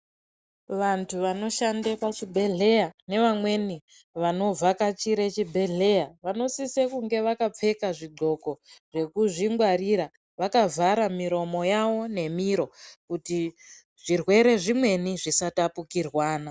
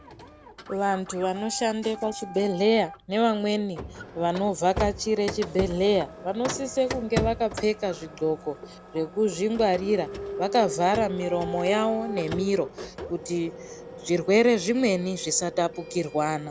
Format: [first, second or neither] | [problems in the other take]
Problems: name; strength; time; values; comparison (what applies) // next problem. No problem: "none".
first | background sound (Printer); 11 dB below the speech